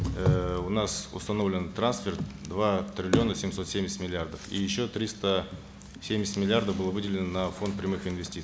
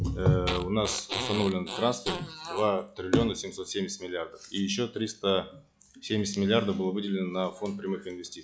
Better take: first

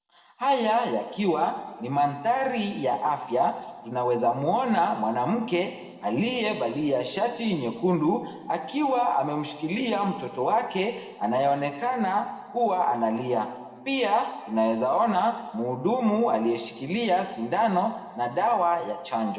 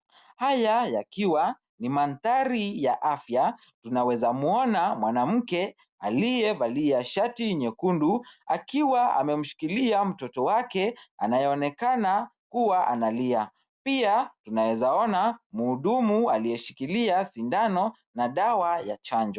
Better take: second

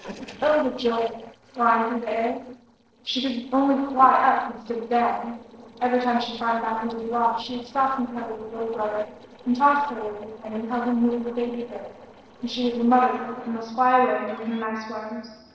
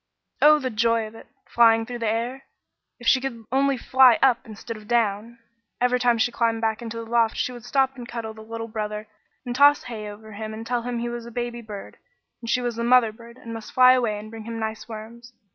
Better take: second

